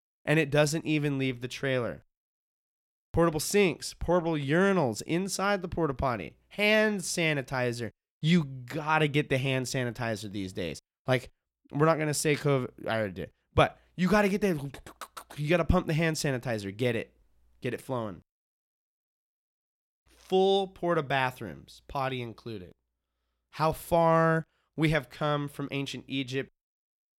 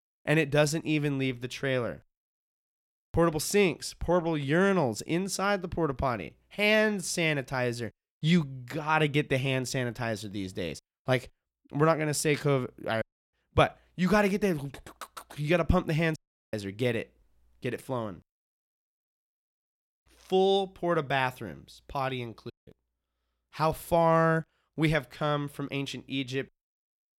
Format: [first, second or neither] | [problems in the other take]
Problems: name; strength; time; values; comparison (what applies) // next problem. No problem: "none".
first | audio cutting out; at 13 s, at 16 s and at 23 s